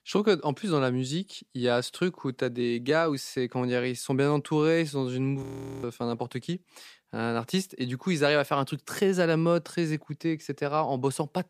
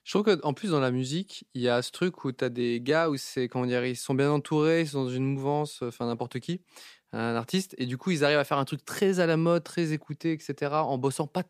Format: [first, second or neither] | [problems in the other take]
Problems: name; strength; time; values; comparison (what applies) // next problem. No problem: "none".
second | audio freezing; at 5.5 s